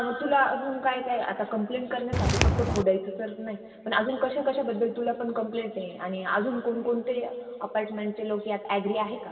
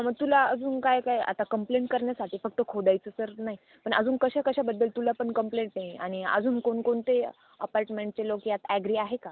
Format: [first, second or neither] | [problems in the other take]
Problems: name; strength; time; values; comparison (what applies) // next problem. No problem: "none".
second | background sound (Walk, footsteps); 4 dB above the speech // room echo; dies away in 2 s